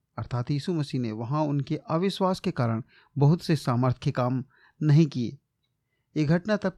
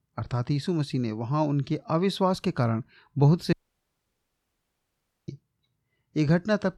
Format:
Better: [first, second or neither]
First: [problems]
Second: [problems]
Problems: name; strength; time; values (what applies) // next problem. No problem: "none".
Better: first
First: none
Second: audio cutting out; at 3.5 s for 2 s